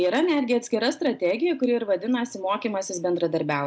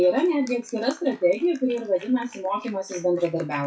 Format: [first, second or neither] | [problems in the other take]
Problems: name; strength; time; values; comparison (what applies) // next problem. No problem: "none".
first | noise reduction (classical method WPE with log-MMSE)